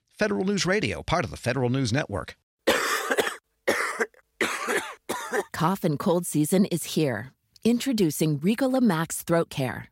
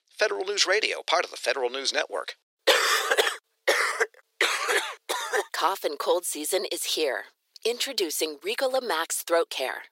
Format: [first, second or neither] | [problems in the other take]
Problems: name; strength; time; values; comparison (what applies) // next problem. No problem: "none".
first | thin; very; fading below 400 Hz